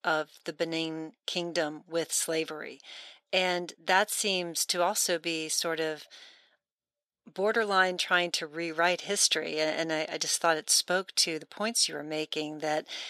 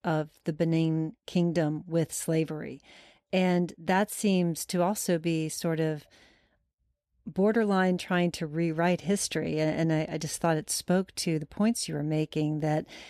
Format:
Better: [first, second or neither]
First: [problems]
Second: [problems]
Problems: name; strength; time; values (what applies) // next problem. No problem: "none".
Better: second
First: thin; very; fading below 500 Hz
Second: none